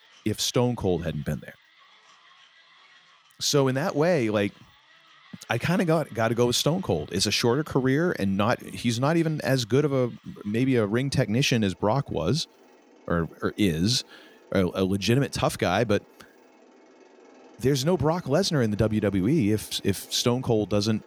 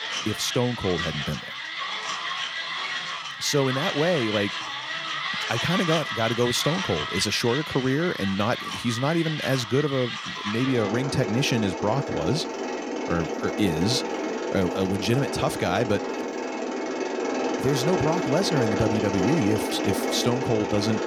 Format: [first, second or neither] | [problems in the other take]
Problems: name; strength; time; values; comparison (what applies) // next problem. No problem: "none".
first | machinery noise; loud; throughout; 3 dB below the speech; faint in the first